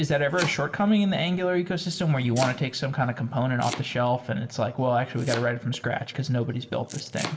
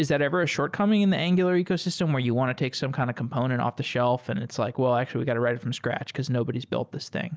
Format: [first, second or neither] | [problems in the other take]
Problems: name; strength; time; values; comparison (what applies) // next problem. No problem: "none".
second | background sound (Domestic sounds, home sounds); 15 dB below the speech // room echo; dies away in 3 s